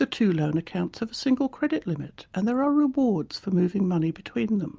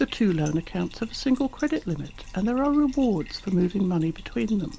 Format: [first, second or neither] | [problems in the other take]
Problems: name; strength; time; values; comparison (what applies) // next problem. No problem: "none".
first | background sound (Bathtub (filling or washing)); 17 dB below the speech